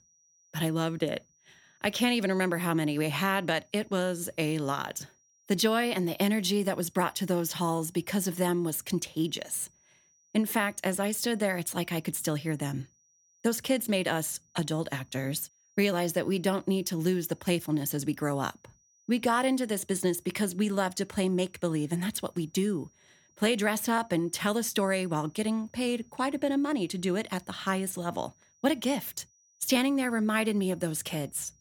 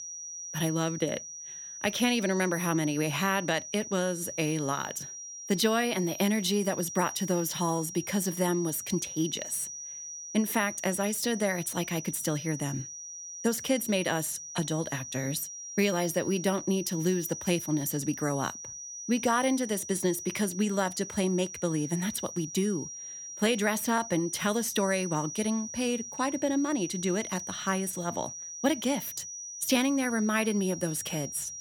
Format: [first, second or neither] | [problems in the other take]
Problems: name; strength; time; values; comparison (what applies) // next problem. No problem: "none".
first | high-pitched whine; loud; throughout; 6 kHz, 9 dB below the speech; faint in the first